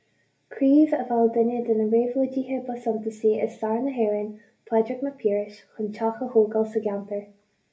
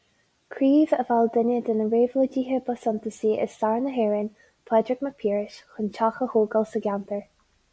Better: second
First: room echo; dies away in 0.3 s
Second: none

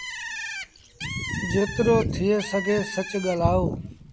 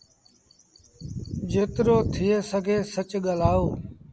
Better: second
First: background sound (Bird); 11 dB below the speech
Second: none

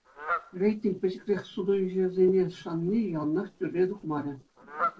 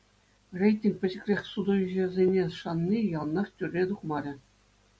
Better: second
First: noise reduction (neural separator model SepFormer DNS4)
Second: none

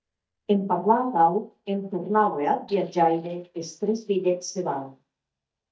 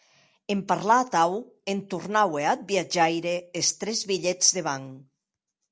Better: second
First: noise reduction (neural mask model DeepFilterNet 3)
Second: none

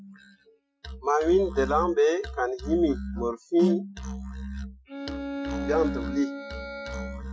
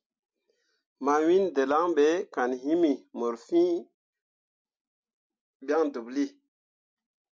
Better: second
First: noise reduction (classical method Wiener filter)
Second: none

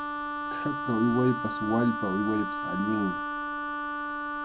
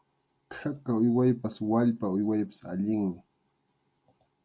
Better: second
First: background sound (Wind instrument, woodwind instrument); 3 dB below the speech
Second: none

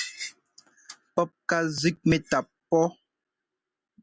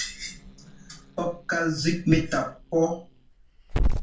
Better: first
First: none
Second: background sound (Growling / Hiss); 3 dB below the speech // room echo; dies away in 0.3 s

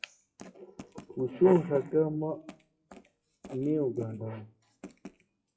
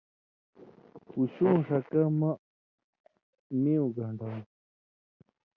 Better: second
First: noise reduction (classical method WPE with log-MMSE)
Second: none

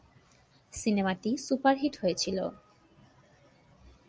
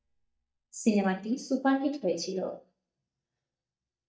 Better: first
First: none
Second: noise reduction (neural mask model DeepFilterNet 3)

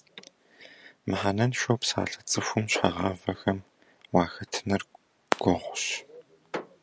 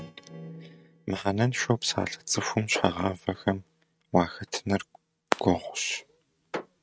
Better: first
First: none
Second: noise reduction (neural mask model RNNoise)

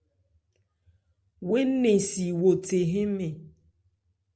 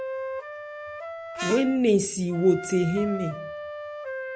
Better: first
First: none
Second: background sound (Wind instrument, woodwind instrument + Harmonica); 9 dB below the speech

